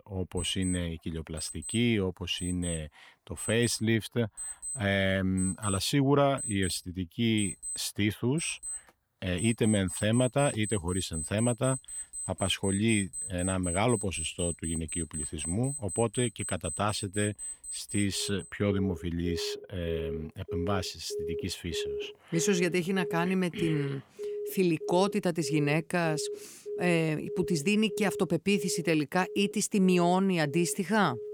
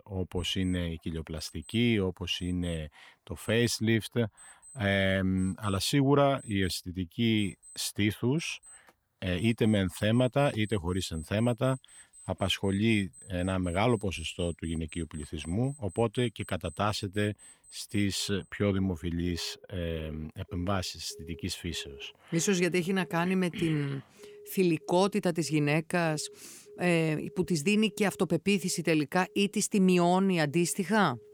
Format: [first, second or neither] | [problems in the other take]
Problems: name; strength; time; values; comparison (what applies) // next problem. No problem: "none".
second | alarms or sirens; loud; throughout; 8 dB below the speech; faint in the second